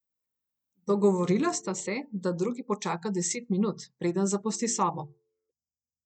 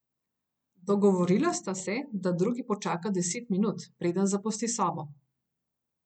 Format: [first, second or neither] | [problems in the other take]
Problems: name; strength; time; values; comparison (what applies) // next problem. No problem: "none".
second | noise reduction (neural mask model DeepFilterNet 3)